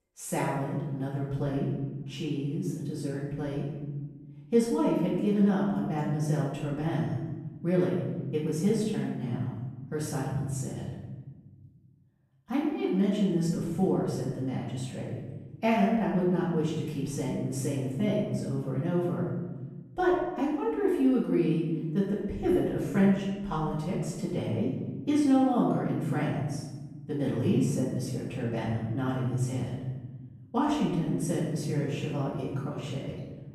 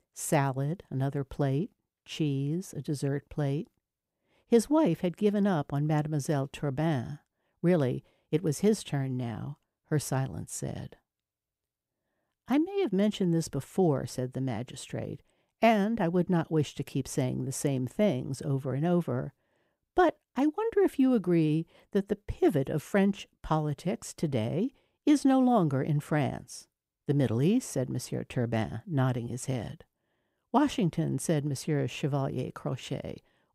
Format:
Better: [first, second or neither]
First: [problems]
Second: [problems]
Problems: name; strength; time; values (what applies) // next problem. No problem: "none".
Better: second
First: off-mic speech; far // room echo; noticeable; dies away in 1.3 s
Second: none